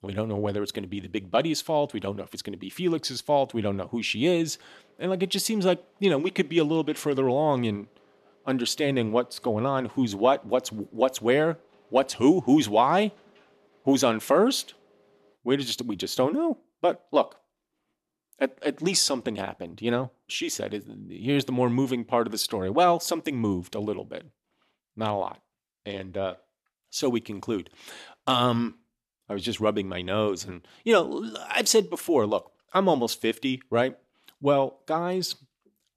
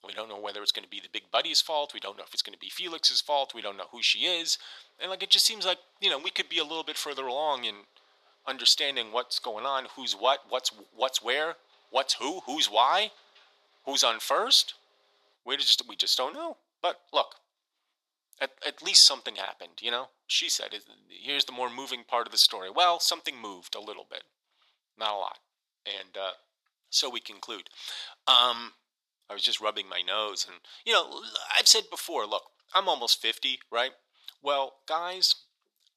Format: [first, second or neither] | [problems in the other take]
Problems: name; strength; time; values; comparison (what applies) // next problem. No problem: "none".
first | thin; very; fading below 900 Hz